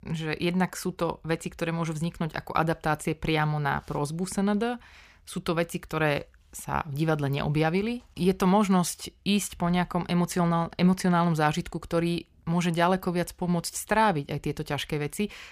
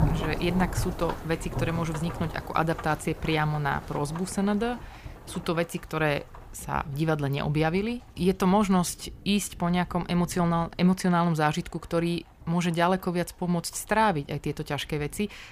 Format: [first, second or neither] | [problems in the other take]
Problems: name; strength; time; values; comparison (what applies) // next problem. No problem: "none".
first | rain or running water; noticeable; throughout; 10 dB below the speech